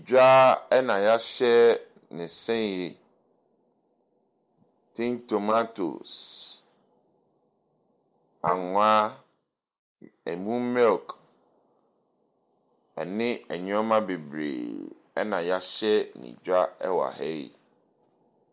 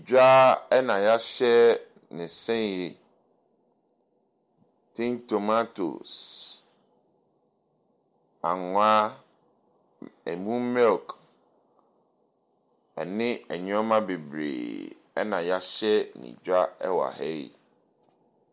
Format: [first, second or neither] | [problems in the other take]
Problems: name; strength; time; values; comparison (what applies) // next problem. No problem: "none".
second | noise reduction (neural mask model Resemble Enhance denoiser)